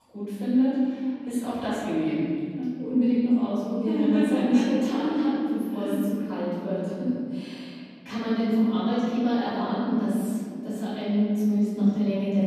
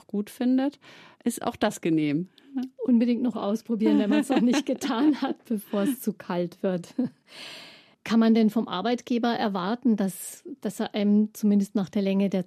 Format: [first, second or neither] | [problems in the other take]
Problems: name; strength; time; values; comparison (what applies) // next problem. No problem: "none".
second | off-mic speech; far // room echo; strong; dies away in 2.2 s